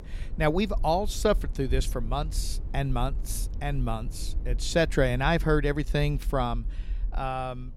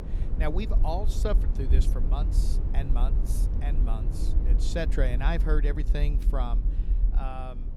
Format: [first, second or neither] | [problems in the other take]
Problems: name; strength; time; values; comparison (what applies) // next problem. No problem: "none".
first | low rumble; loud; throughout; 9 dB below the speech; faint in the first